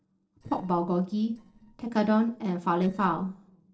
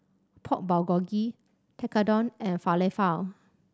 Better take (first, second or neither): second